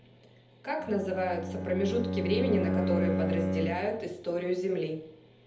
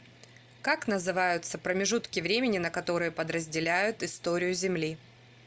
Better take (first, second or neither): second